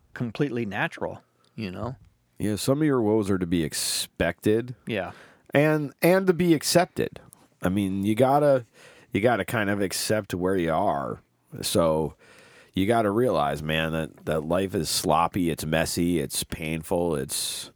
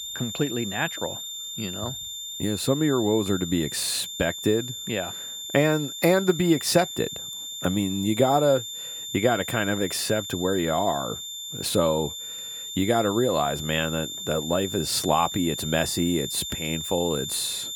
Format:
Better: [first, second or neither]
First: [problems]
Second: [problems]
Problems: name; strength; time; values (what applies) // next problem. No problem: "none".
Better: first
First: none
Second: high-pitched whine; loud; throughout; 3.5 kHz, 7 dB below the speech